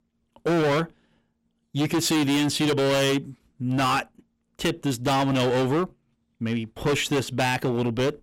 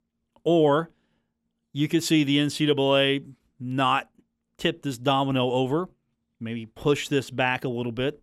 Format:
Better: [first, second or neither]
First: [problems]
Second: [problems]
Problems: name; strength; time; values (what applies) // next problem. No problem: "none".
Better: second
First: distortion; heavy; 21% of the sound clipped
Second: none